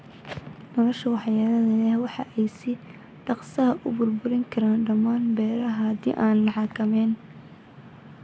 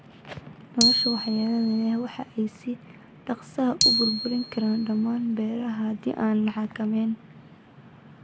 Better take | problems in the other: first | background sound (Glockenspiel); 2 dB below the speech

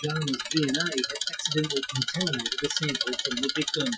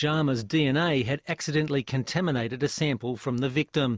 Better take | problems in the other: second | noise reduction (classical method Wiener filter)

